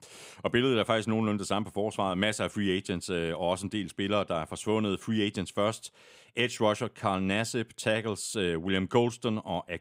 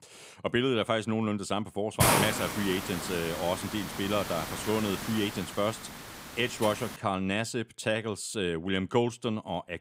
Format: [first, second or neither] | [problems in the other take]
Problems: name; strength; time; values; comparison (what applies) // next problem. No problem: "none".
first | hiss; loud; from 2 to 7 s; 2 dB below the speech